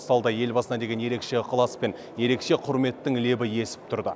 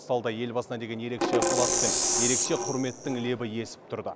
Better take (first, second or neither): first